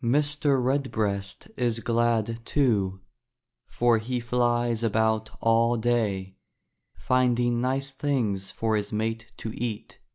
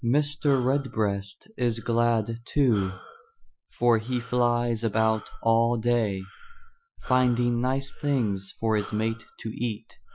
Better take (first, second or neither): first